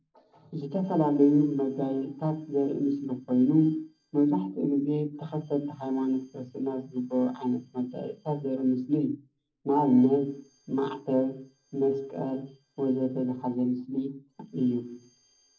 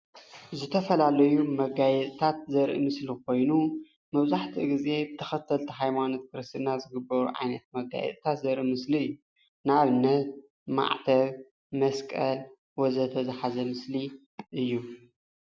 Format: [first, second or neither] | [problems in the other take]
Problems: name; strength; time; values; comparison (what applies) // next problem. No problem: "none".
second | noise reduction (neural separator model SepFormer DNS4)